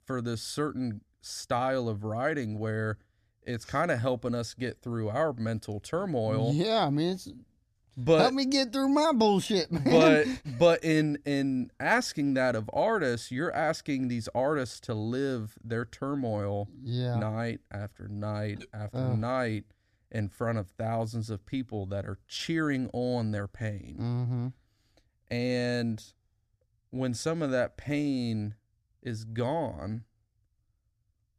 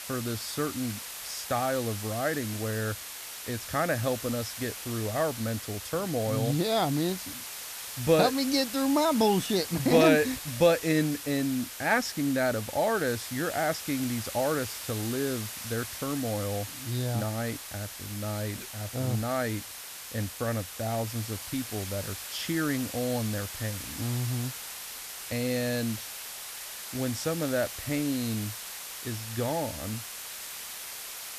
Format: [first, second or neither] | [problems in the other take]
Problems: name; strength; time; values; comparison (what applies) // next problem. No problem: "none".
first | hiss; loud; throughout; 7 dB below the speech